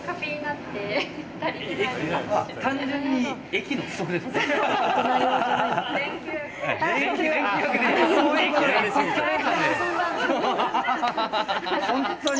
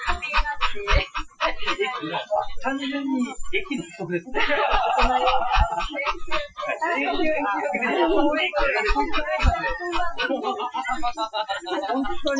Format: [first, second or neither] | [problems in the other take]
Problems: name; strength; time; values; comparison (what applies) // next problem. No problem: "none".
first | noise reduction (classical method Wiener filter)